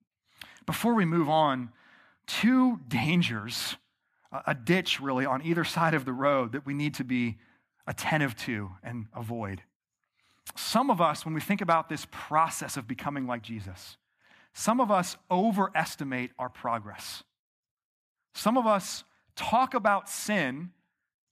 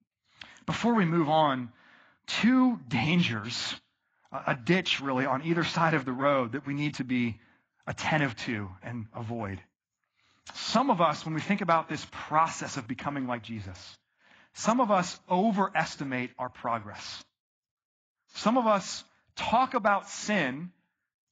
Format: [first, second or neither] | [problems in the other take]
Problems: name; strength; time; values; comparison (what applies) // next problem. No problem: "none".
first | garbled, watery; badly; nothing above 7.5 kHz